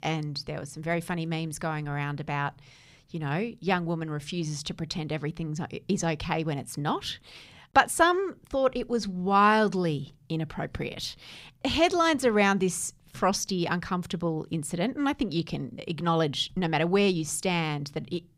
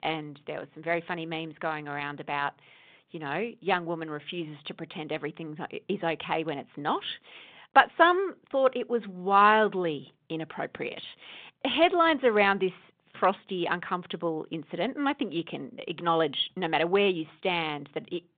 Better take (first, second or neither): first